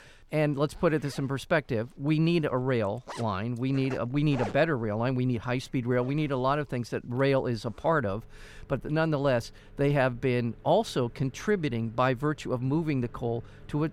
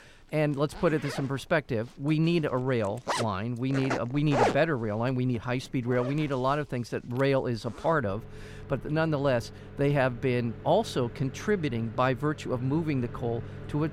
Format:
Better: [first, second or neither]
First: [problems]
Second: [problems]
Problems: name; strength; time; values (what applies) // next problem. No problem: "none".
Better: first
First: household noises; faint; throughout; 20 dB below the speech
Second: household noises; loud; throughout; 9 dB below the speech